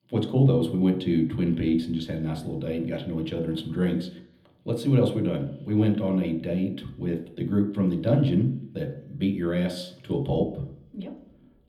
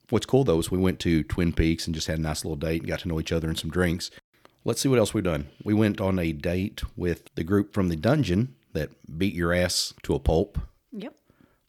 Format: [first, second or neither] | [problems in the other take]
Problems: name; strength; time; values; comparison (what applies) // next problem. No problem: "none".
second | room echo; slight; dies away in 0.7 s // off-mic speech; somewhat distant